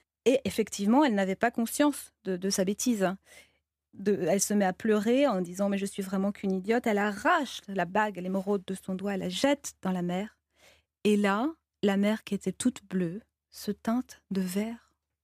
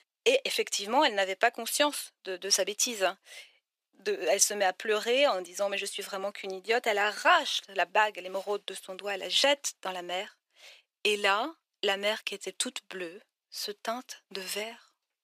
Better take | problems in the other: first | thin; very; fading below 450 Hz

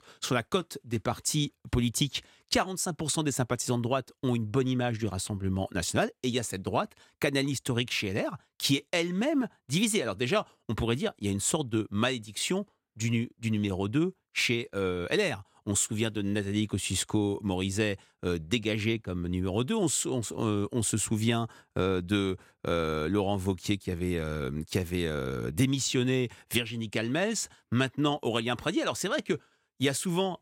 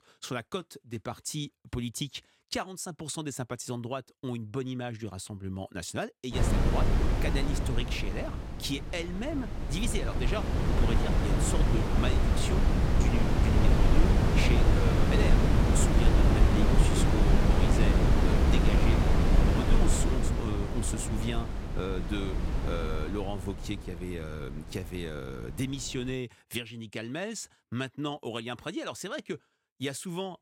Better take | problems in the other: first | wind noise on the microphone; heavy; from 6.5 to 26 s; 4 dB above the speech

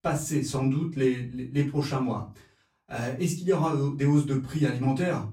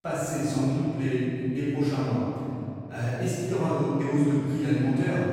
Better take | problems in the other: first | room echo; strong; dies away in 2.8 s; slight in the first // off-mic speech; far; far in the first

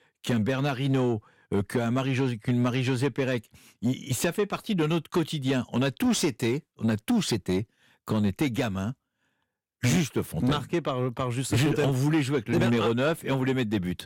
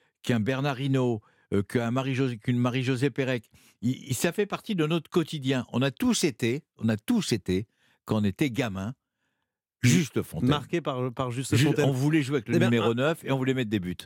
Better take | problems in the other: second | distortion; slight; 10 dB below the speech

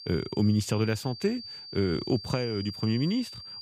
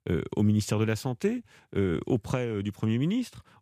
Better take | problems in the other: second | high-pitched whine; noticeable; throughout; 4.5 kHz, 10 dB below the speech

